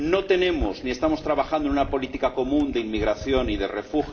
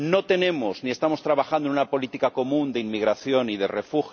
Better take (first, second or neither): second